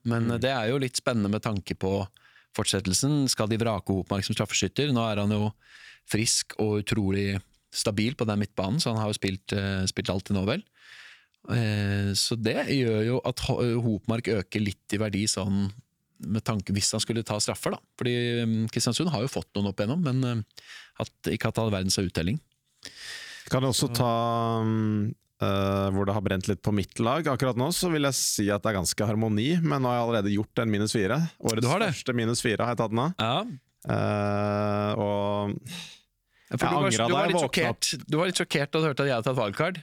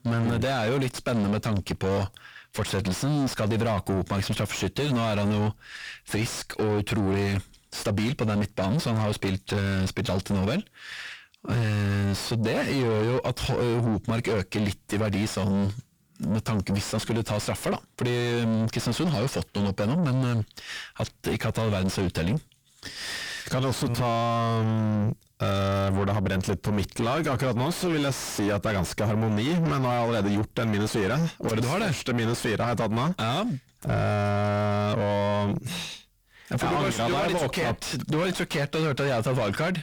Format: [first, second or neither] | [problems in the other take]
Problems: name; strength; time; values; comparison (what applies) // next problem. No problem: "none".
first | distortion; heavy; 5 dB below the speech